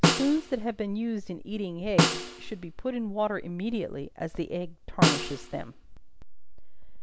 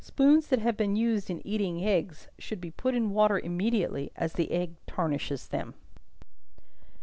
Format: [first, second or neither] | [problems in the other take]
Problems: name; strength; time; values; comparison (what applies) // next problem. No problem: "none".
second | background sound (Snare drum); 1 dB above the speech